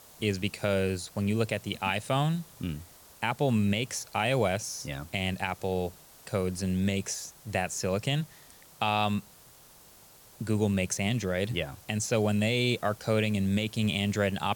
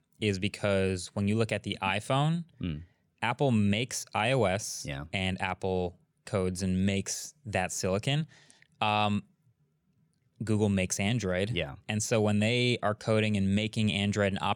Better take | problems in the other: second | hiss; faint; throughout; 20 dB below the speech

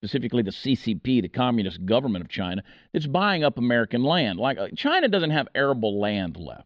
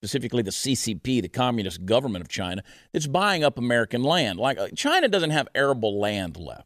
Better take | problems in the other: second | muffled; very slightly; fading above 4 kHz

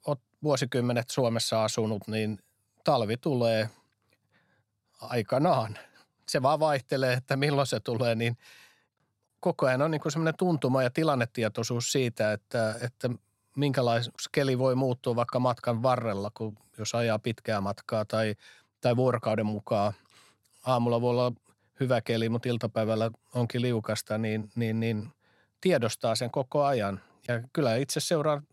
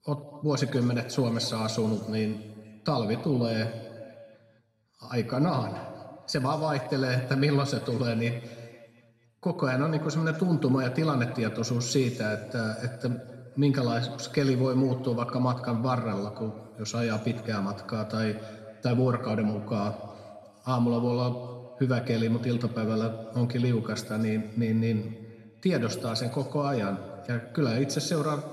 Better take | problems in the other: first | room echo; noticeable; dies away in 1.5 s // off-mic speech; somewhat distant

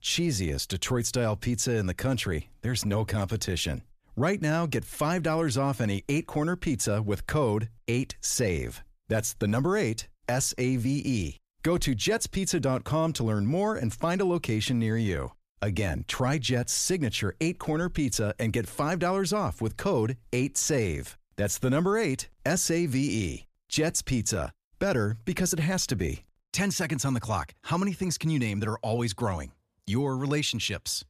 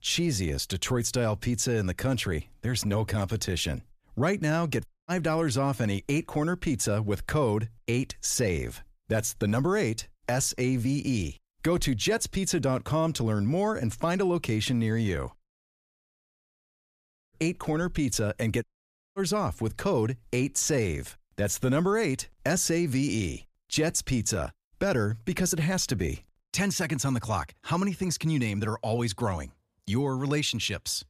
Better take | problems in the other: first | audio cutting out; at 5 s, at 15 s for 2 s and at 19 s for 0.5 s

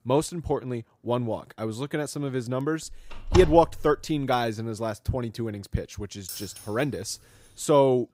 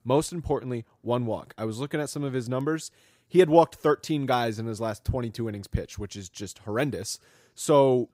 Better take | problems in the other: second | door banging; noticeable; at 3 s; peak 2 dB below the speech // jangling keys; faint; from 6.5 to 7.5 s; peak 10 dB below the speech

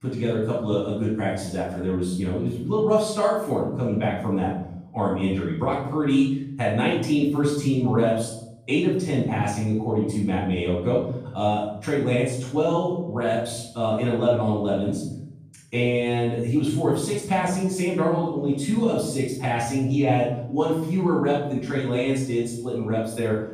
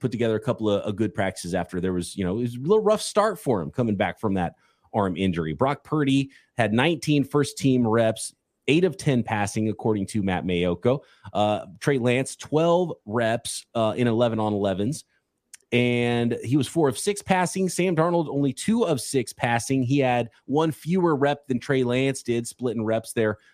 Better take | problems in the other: second | off-mic speech; far // room echo; noticeable; dies away in 0.7 s

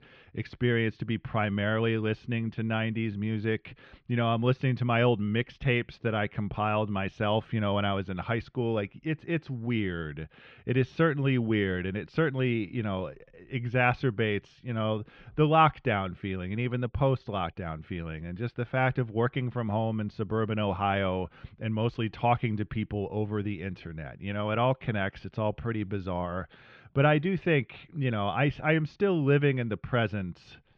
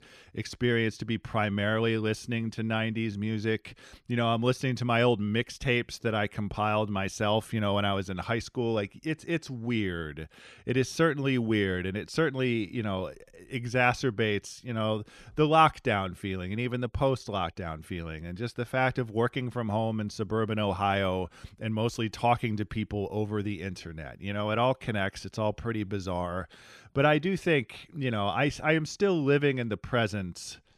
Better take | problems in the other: second | muffled; very; fading above 3.5 kHz

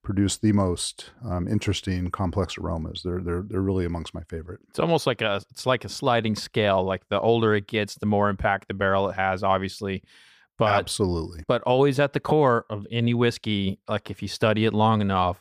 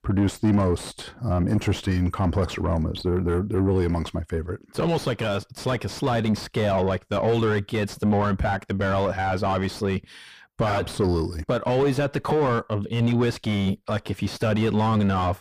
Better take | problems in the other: first | distortion; heavy; 5 dB below the speech

